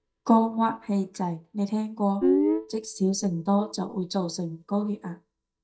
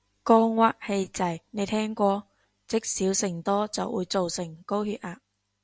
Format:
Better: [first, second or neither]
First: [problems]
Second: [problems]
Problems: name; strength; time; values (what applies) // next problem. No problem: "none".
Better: second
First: noise reduction (neural mask model DeepFilterNet 3)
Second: none